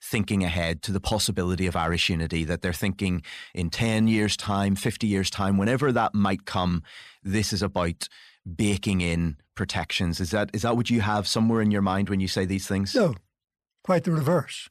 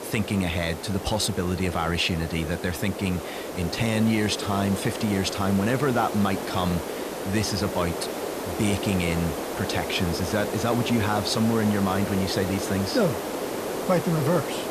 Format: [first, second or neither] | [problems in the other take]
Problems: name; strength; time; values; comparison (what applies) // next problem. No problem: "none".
first | hiss; loud; throughout; 6 dB below the speech